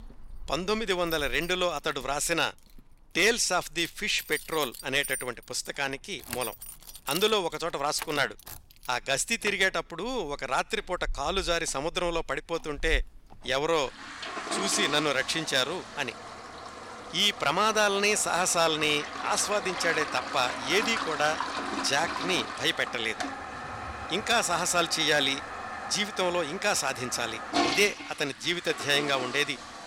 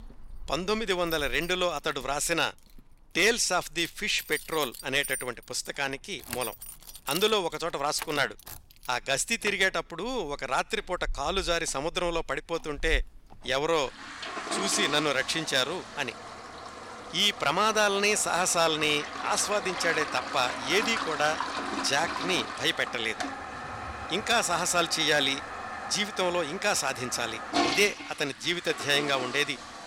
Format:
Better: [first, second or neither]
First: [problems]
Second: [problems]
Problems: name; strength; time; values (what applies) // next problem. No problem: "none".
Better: neither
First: household noises; loud; throughout; 8 dB below the speech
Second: household noises; loud; throughout; 8 dB below the speech